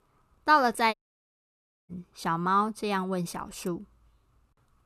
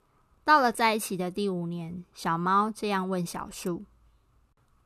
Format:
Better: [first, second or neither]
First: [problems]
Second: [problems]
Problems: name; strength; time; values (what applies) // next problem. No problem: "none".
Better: second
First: audio cutting out; at 1 s for 1 s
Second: none